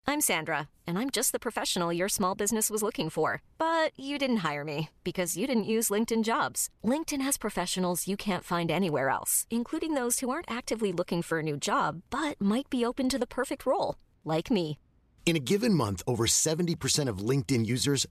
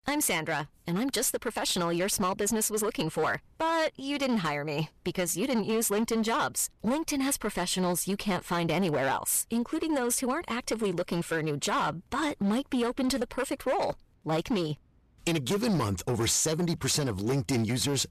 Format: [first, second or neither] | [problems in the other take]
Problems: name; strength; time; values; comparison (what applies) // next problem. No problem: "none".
first | distortion; slight; 13% of the sound clipped